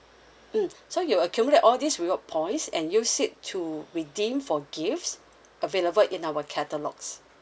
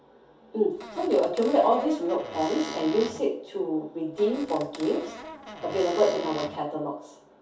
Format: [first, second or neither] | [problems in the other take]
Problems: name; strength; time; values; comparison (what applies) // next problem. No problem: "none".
first | background sound (Squeak / Cupboard open or close); 13 dB below the speech // room echo; dies away in 0.5 s